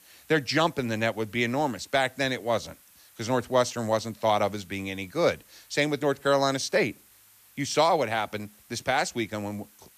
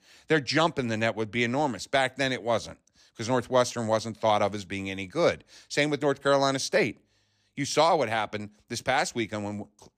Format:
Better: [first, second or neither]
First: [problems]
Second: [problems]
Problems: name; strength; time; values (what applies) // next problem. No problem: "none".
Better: second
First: hiss; faint; throughout; 25 dB below the speech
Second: none